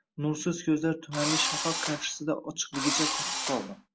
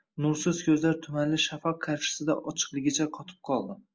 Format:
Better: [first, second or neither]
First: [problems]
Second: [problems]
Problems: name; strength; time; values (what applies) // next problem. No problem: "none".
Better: second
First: background sound (Engine / Drill); as loud as the speech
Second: none